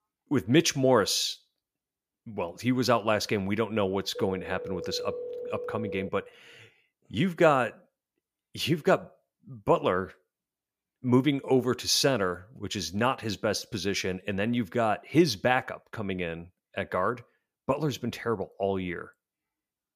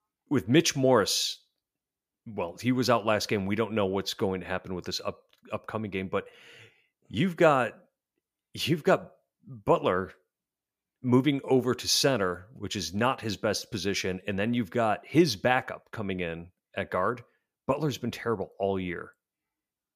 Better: second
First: phone ringing; noticeable; from 4 to 6 s; peak 9 dB below the speech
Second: none

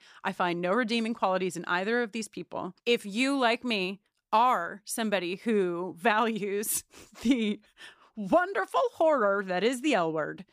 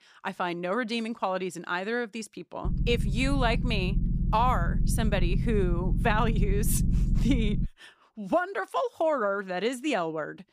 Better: first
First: none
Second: low rumble; noticeable; from 2.5 to 7.5 s; 10 dB below the speech

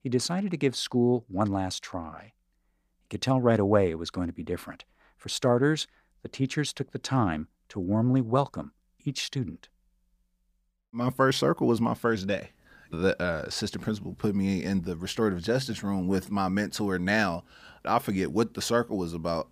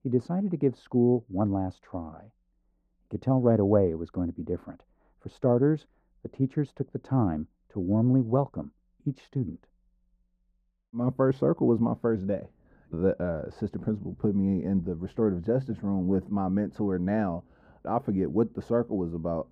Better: first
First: none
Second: muffled; very; fading above 1.5 kHz

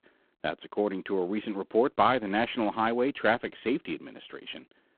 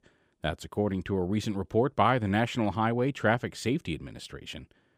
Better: second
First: phone-call audio; poor line; nothing above 3.5 kHz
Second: none

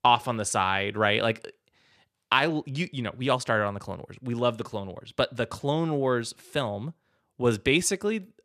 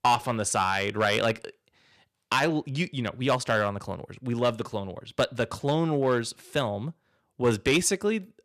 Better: first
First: none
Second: distortion; slight; 1.9% of the sound clipped

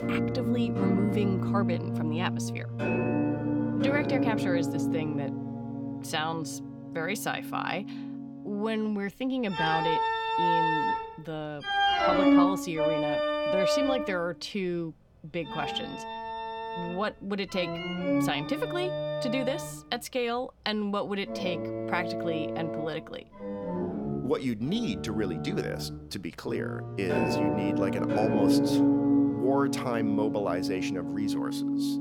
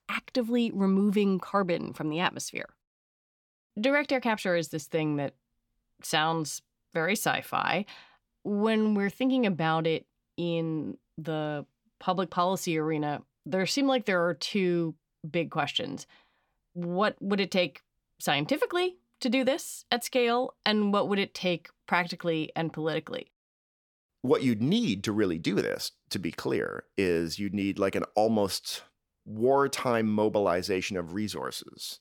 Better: second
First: background music; very loud; throughout; 3 dB above the speech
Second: none

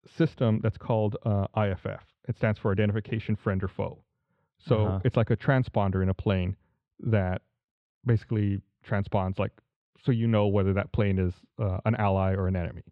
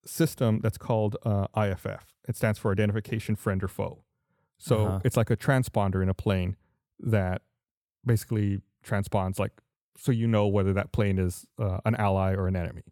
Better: second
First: muffled; slightly; fading above 3.5 kHz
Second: none

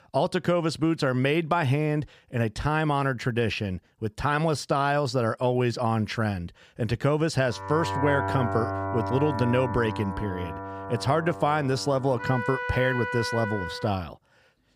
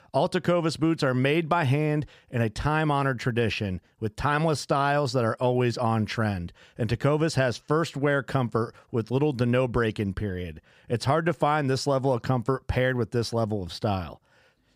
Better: second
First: background music; loud; from 8 s on; 6 dB below the speech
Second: none

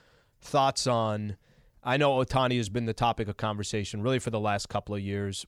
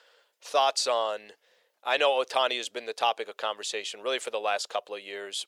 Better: first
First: none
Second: thin; very; fading below 500 Hz

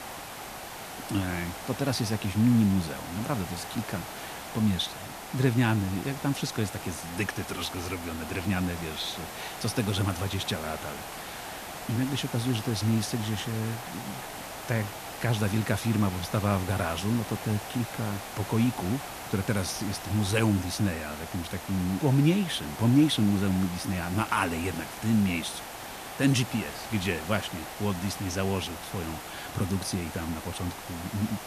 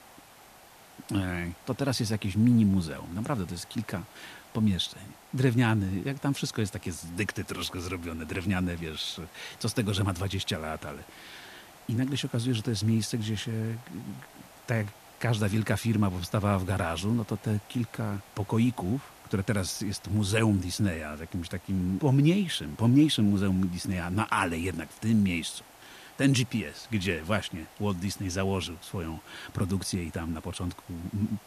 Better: second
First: hiss; loud; throughout; 9 dB below the speech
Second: hiss; faint; throughout; 20 dB below the speech

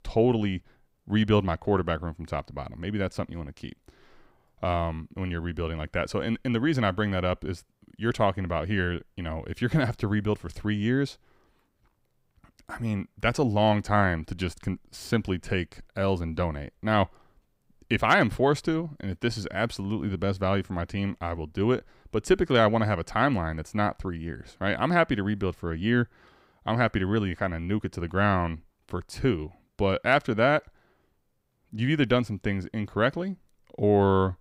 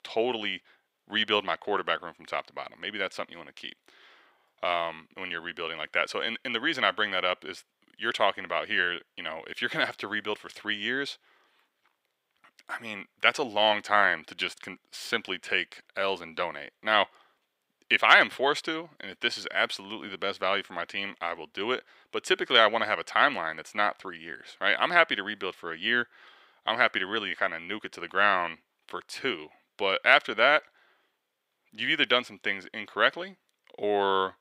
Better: first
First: none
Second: thin; very; fading below 450 Hz

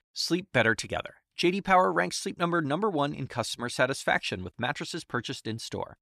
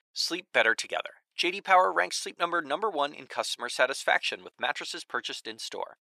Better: first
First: none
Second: thin; very; fading below 550 Hz

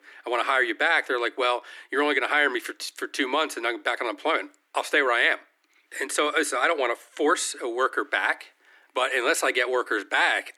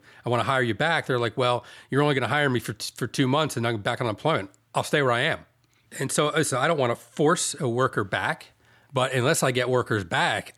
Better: second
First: thin; somewhat; fading below 300 Hz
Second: none

